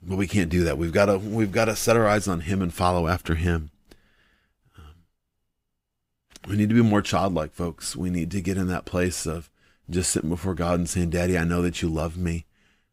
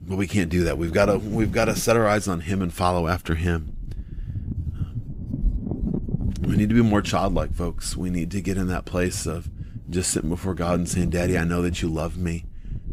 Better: first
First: none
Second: wind noise on the microphone; occasional gusts; 15 dB below the speech

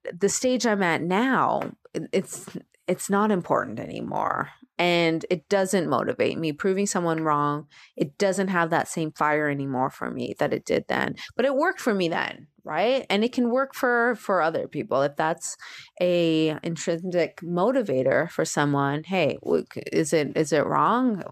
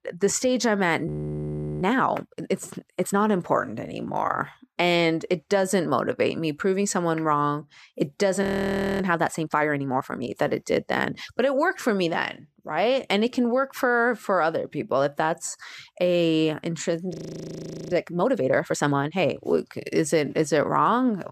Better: first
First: none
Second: audio freezing; at 1 s for 0.5 s, at 8.5 s for 0.5 s and at 17 s for 1 s

